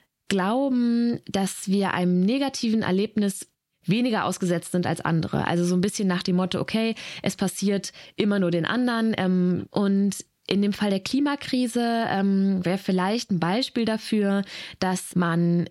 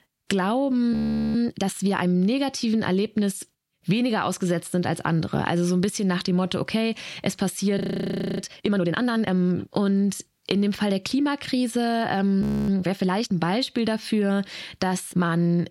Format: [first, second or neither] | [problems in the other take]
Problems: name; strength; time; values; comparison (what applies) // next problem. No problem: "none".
first | audio freezing; at 1 s, at 8 s for 0.5 s and at 12 s